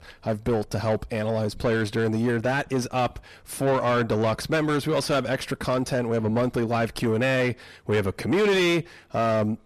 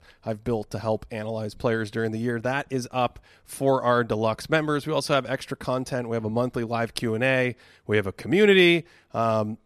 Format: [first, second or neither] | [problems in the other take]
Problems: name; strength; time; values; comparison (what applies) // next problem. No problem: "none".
second | distortion; heavy; 6 dB below the speech